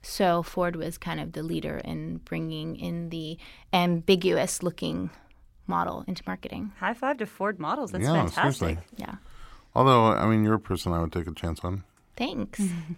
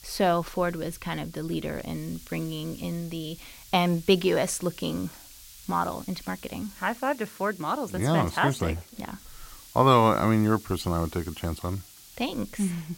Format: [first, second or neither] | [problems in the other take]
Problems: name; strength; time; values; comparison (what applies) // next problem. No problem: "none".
first | hiss; noticeable; throughout; 20 dB below the speech